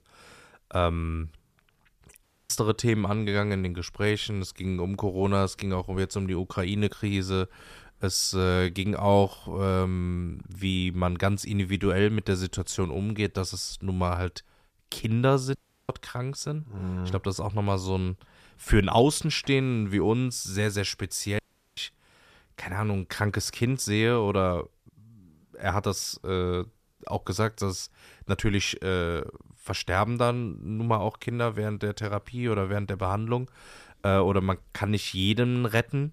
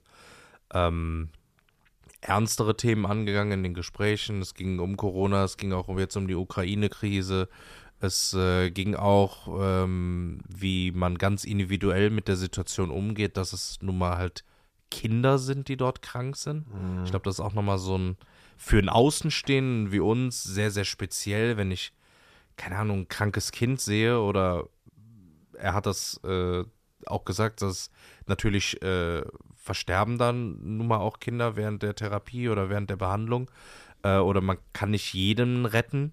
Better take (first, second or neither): second